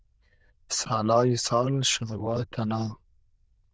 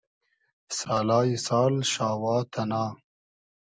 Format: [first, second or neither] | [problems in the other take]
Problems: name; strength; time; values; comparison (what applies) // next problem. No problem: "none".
second | noise reduction (neural diffusion model UNIVERSE++)